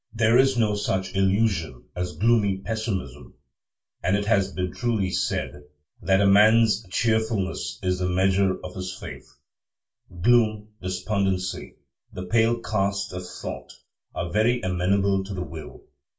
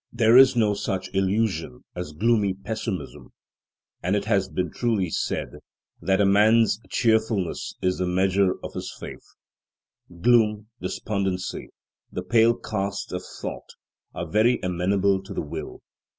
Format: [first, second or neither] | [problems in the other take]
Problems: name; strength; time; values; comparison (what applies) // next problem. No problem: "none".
second | room echo; dies away in 0.2 s